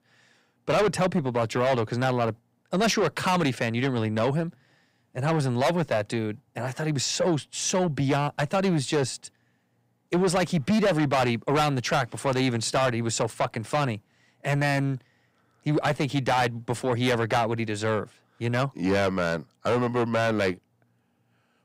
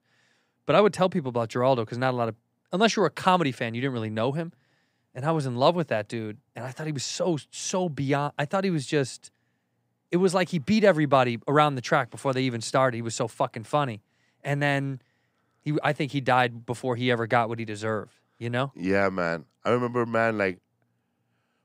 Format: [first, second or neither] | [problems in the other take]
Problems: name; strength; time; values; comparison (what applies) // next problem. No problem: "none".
second | distortion; heavy; 6 dB below the speech